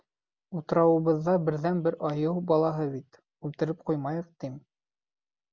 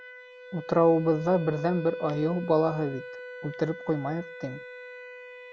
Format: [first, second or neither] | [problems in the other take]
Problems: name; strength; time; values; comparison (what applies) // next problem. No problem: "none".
first | background sound (Wind instrument, woodwind instrument); 12 dB below the speech